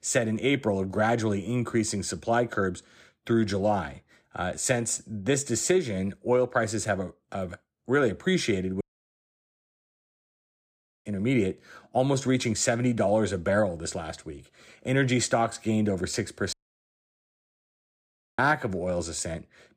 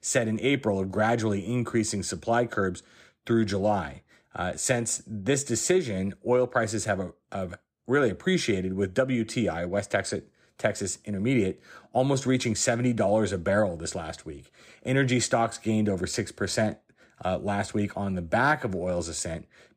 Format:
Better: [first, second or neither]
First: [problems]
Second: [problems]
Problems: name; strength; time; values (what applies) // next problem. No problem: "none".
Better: second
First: audio cutting out; at 9 s for 2 s and at 17 s for 2 s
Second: none